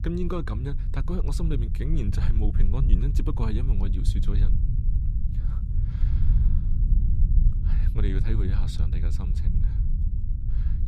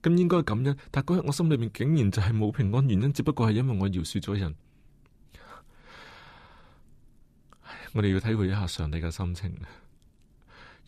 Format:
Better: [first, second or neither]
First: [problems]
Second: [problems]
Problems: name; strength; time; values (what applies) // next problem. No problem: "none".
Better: second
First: low rumble; loud; throughout; 6 dB below the speech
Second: none